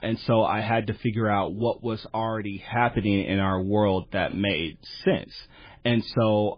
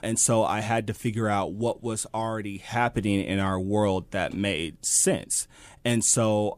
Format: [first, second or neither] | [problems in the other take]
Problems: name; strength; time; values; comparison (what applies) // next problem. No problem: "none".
second | garbled, watery; badly; nothing above 5 kHz